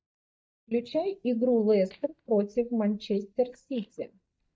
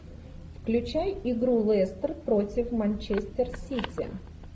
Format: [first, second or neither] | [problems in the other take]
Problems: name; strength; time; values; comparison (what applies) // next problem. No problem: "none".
second | noise reduction (neural mask model DeepFilterNet 3)